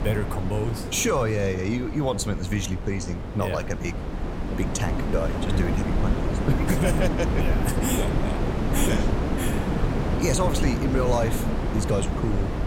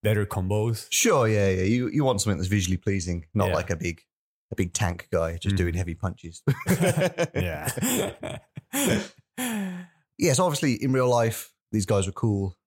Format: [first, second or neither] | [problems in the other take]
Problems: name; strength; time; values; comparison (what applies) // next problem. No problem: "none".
second | wind noise on the microphone; heavy; 3 dB below the speech